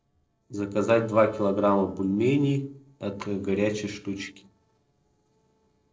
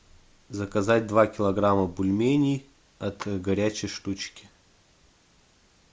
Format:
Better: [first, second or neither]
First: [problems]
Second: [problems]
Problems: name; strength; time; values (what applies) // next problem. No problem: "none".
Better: second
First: noise reduction (neural separator model SepFormer DNS4)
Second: none